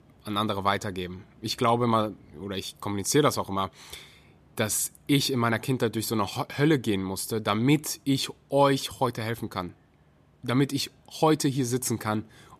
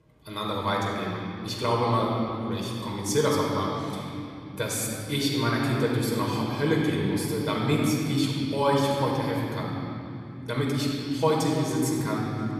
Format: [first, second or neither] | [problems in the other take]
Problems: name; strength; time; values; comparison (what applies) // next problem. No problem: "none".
first | room echo; strong; dies away in 3 s // off-mic speech; far